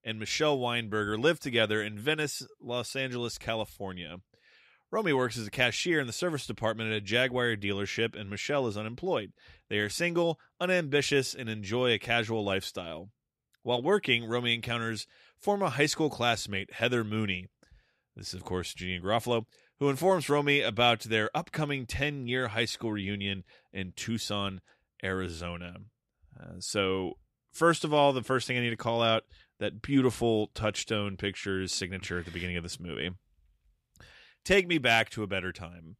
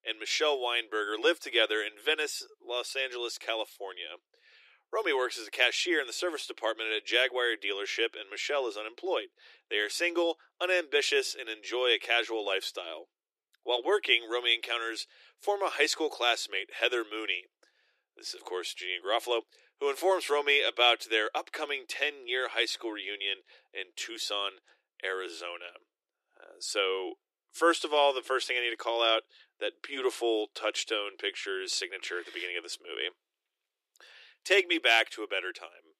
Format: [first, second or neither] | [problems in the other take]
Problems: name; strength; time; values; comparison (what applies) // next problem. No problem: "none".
first | thin; very; fading below 350 Hz